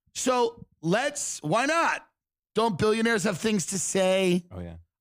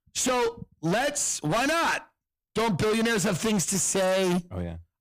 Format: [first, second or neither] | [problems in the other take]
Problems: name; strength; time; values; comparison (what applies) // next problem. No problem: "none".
first | distortion; heavy; 26% of the sound clipped